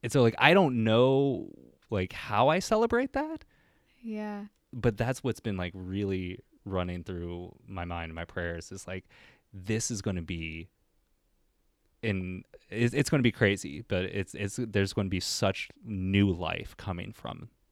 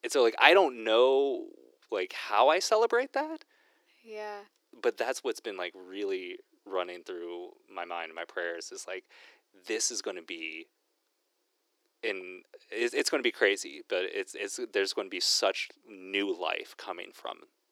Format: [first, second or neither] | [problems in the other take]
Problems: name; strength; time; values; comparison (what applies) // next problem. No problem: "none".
first | thin; very; fading below 350 Hz